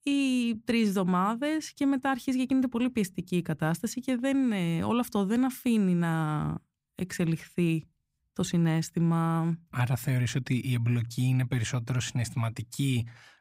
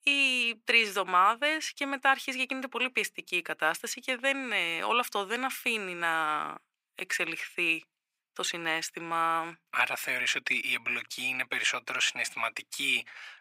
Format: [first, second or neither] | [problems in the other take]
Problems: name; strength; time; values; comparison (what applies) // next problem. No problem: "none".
first | thin; very; fading below 450 Hz